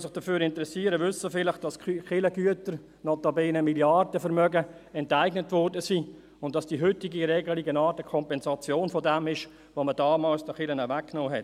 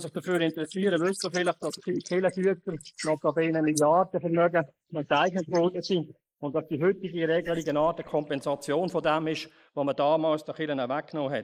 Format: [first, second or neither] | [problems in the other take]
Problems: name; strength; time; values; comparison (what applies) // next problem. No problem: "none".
first | noise reduction (neural mask model Resemble Enhance denoiser)